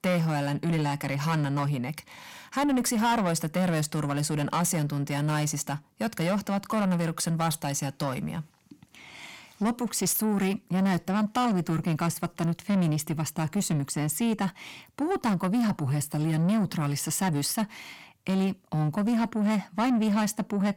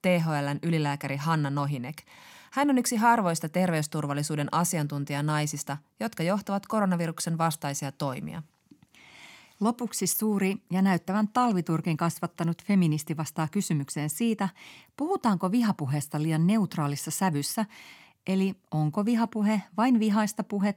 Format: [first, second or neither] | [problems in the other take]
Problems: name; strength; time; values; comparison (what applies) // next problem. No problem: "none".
second | distortion; slight; 10 dB below the speech